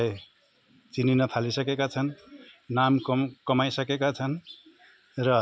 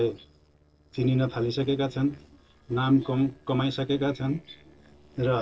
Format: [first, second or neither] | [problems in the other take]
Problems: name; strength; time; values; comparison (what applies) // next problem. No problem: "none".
first | noise reduction (neural separator model SepFormer DNS4)